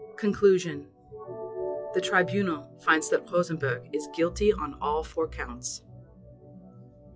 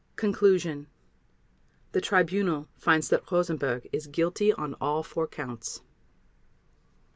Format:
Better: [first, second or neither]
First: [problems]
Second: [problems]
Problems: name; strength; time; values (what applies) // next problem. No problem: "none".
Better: second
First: noise reduction (classical method log-MMSE)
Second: none